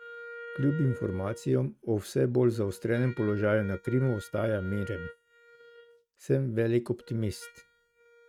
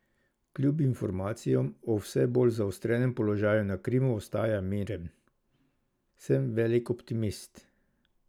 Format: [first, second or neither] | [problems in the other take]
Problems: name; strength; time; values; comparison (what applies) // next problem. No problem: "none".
second | noise reduction (neural mask model RNNoise)